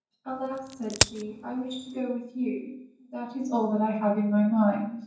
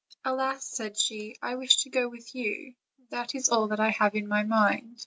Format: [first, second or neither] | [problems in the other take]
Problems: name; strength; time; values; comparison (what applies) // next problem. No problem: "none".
second | background sound (Crack); 3 dB below the speech // room echo; dies away in 0.9 s